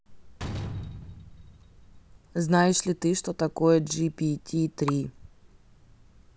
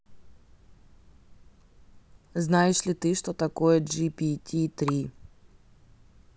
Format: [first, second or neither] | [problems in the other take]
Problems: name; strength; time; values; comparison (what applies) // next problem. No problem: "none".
second | background sound (Slam); 13 dB below the speech